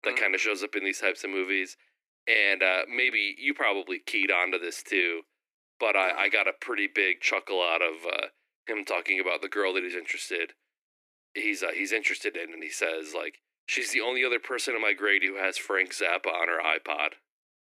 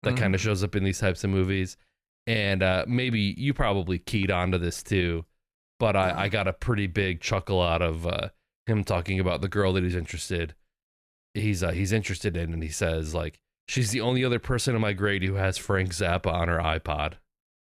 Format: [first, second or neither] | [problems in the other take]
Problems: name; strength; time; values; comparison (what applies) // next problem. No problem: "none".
second | thin; very; fading below 300 Hz